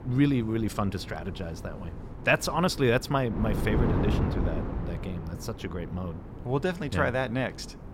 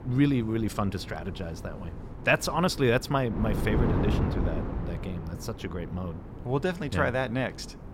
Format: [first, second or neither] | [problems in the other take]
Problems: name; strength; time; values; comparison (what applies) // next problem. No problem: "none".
neither | wind noise on the microphone; occasional gusts; 10 dB below the speech; the same in both